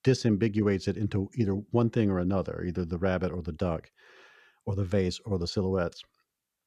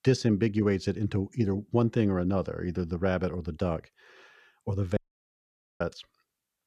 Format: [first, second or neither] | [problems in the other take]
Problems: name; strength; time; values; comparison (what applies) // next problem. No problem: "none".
first | audio cutting out; at 5 s for 1 s